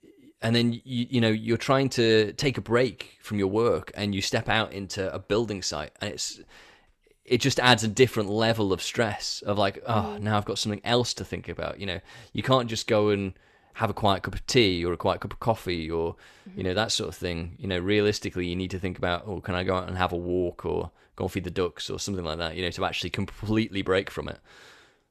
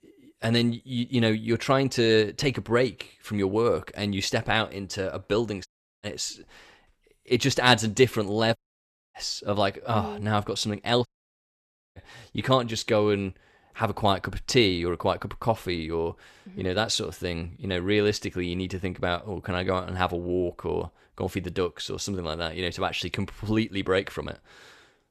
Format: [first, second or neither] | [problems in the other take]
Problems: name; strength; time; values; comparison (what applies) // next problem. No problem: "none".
first | audio cutting out; at 5.5 s, at 8.5 s for 0.5 s and at 11 s for 1 s